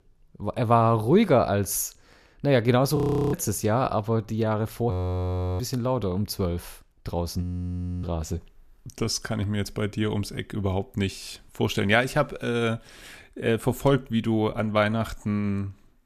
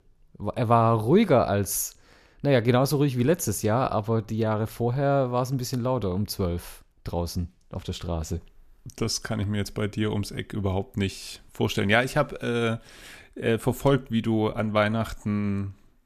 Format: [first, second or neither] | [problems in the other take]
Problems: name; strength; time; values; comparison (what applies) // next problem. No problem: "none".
second | audio freezing; at 3 s, at 5 s for 0.5 s and at 7.5 s for 0.5 s